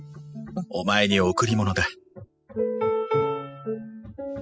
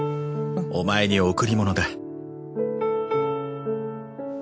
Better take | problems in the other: second | noise reduction (classical method spectral subtraction)

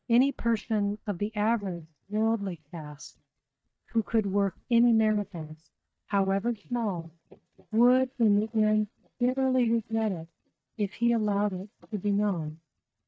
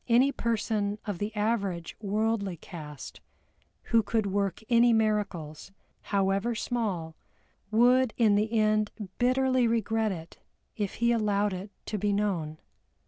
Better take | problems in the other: second | noise reduction (neural mask model DeepFilterNet 3)

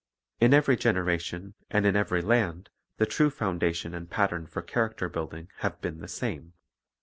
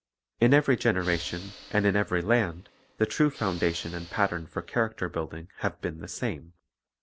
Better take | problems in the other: first | background sound (Hiss / Breathing); 18 dB below the speech

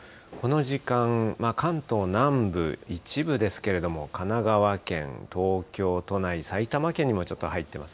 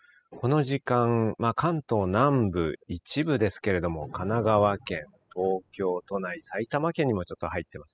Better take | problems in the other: first | noise reduction (classical method spectral subtraction)

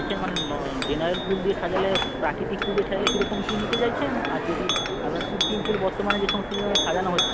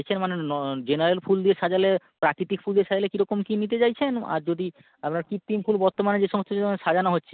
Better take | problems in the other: second | background sound (Train + Chink, clink); 1 dB above the speech

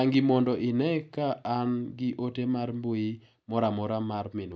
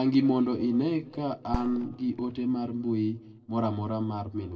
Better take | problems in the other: first | noise reduction (neural separator model SepFormer DNS4)

